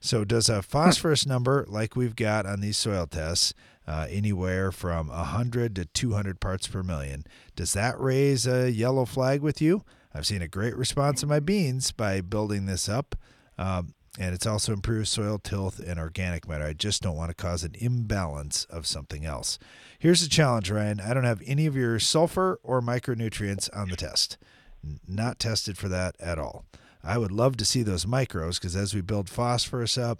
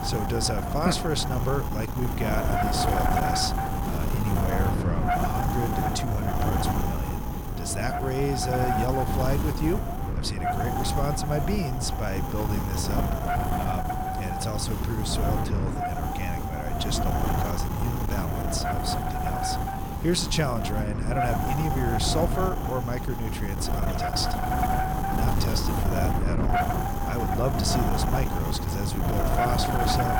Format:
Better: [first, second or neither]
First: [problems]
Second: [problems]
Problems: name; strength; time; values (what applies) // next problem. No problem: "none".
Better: first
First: none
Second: wind noise on the microphone; heavy; 3 dB above the speech